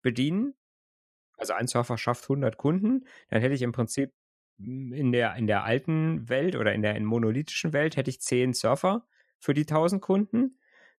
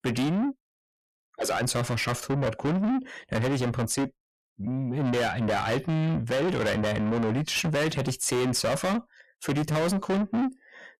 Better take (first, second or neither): first